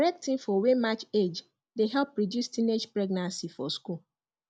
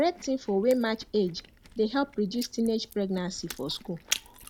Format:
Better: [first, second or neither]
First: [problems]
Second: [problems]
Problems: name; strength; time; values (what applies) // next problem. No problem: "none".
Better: first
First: none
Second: background sound (Chewing, mastication); 14 dB below the speech